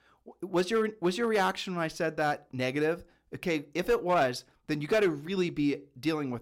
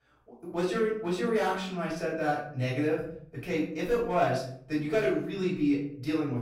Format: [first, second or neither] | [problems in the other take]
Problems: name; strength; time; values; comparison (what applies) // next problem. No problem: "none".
first | room echo; noticeable; dies away in 0.6 s // off-mic speech; far